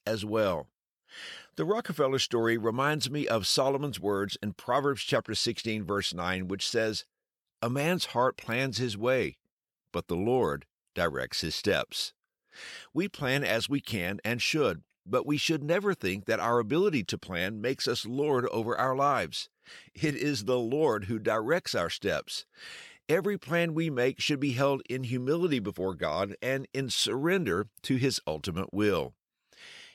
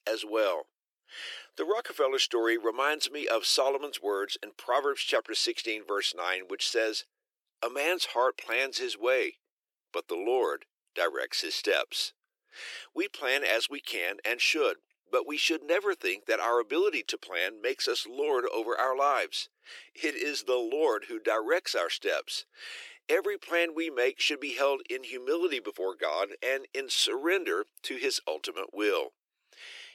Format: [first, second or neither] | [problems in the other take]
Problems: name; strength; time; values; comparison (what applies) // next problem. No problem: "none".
first | thin; very; fading below 350 Hz